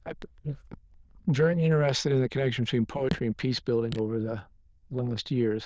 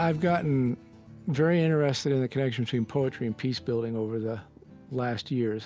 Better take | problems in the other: second | noise reduction (neural diffusion model UNIVERSE++)

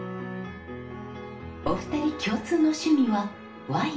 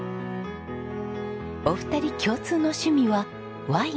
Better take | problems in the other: second | room echo; dies away in 0.4 s

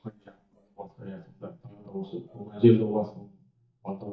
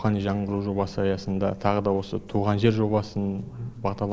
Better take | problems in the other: second | noise reduction (neural mask model DeepFilterNet 3)

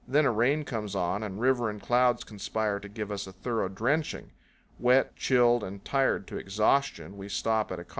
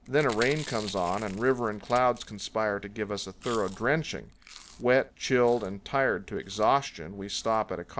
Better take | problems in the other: first | background sound (Chewing, mastication); 19 dB below the speech

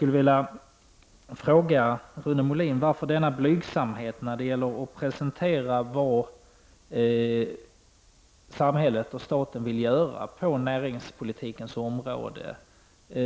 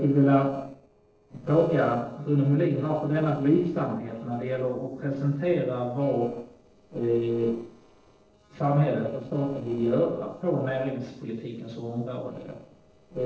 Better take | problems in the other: first | noise reduction (neural separator model SepFormer DNS4)

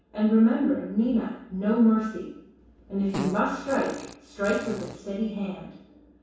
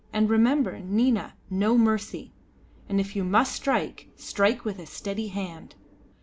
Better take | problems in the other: second | background sound (Fart); 13 dB below the speech // room echo; dies away in 0.7 s

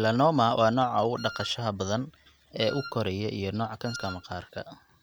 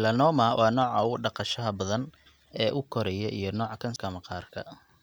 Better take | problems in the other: second | background sound (Wind instrument, woodwind instrument); 15 dB below the speech

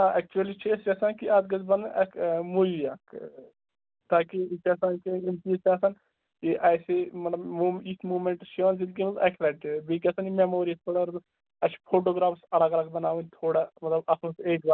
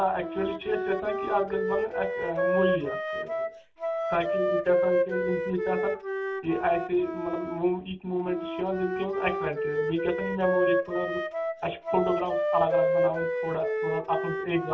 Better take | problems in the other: first | background sound (Wind instrument, woodwind instrument); 1 dB above the speech // room echo; dies away in 0.2 s

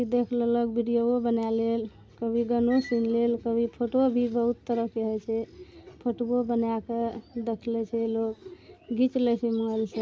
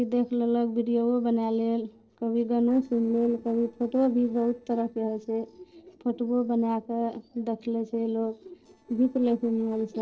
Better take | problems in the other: first | noise reduction (neural separator model SepFormer DNS4)

